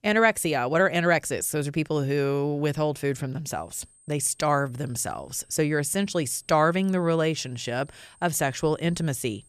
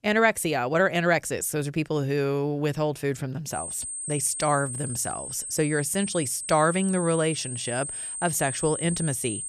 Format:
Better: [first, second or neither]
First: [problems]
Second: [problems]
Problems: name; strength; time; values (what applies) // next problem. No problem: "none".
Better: first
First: high-pitched whine; faint; from 3.5 s on; 8.5 kHz, 30 dB below the speech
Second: high-pitched whine; loud; from 3.5 s on; 8.5 kHz, 6 dB below the speech